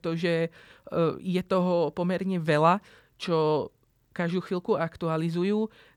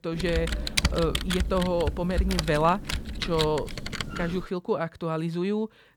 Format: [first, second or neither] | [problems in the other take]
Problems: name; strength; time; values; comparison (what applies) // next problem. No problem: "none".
first | keyboard typing; loud; until 4.5 s; peak 3 dB above the speech